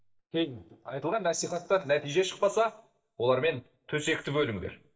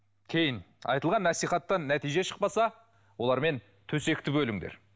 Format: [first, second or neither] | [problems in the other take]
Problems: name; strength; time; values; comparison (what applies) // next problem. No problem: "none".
second | noise reduction (neural mask model DeepFilterNet 3)